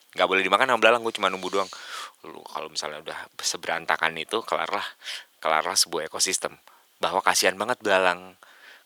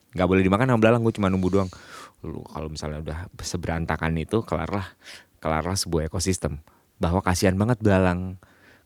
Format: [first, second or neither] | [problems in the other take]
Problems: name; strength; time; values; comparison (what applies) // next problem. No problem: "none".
second | thin; very; fading below 700 Hz